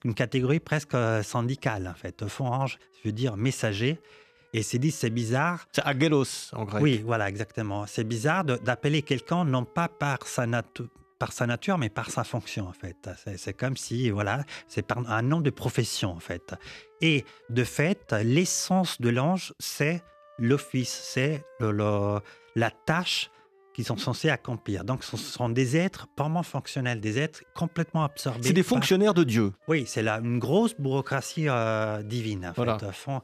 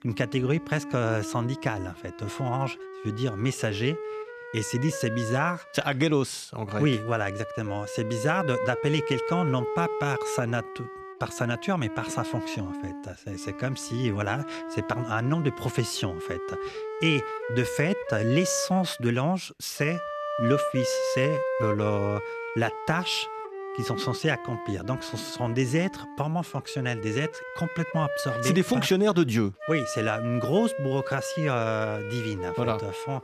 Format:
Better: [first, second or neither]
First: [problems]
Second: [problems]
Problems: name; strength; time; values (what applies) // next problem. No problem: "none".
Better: first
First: background music; faint; throughout; 30 dB below the speech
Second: background music; loud; throughout; 6 dB below the speech